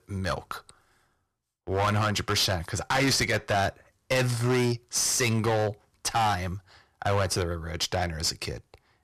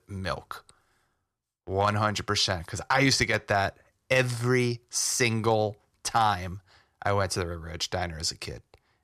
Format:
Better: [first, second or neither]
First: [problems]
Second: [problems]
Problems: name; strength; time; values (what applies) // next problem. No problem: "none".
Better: second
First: distortion; heavy; 11% of the sound clipped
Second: none